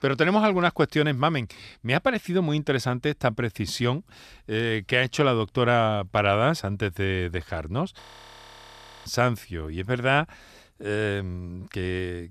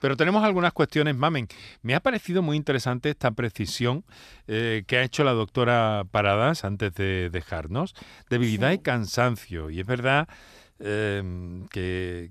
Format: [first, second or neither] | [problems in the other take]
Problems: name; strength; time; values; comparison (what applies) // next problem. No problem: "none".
second | audio freezing; at 8 s for 1 s